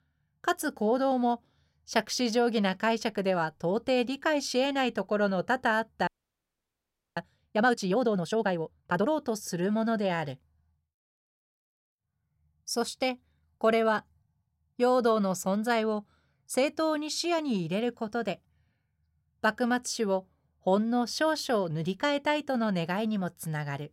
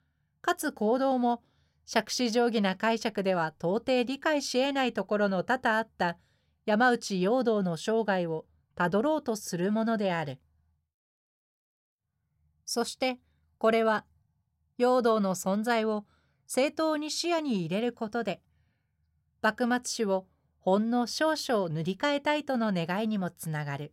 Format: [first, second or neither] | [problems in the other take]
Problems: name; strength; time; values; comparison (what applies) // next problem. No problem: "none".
second | audio freezing; at 6 s for 1 s